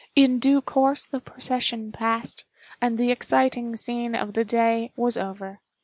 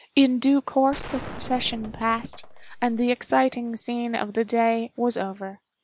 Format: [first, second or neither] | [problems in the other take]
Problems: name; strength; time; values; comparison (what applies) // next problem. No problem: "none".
first | background sound (Gunshot, gunfire); 14 dB below the speech